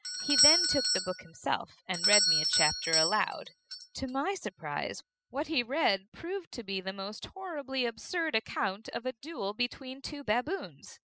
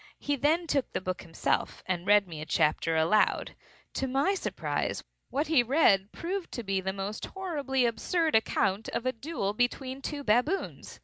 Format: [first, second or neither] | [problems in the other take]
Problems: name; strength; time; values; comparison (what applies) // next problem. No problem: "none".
second | noise reduction (classical method spectral subtraction)